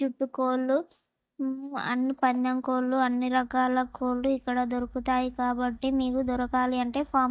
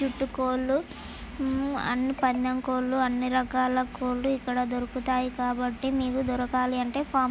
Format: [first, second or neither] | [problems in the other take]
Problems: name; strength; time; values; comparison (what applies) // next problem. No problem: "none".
second | noise reduction (neural mask model DeepFilterNet 3)